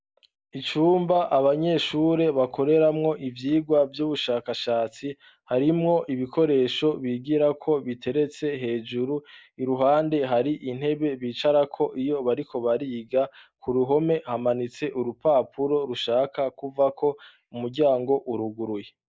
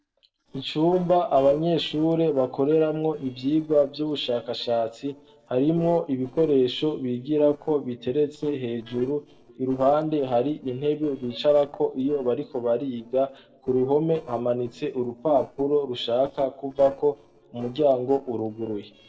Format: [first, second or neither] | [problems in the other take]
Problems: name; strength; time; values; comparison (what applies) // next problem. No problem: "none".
first | noise reduction (neural separator model SepFormer DNS4)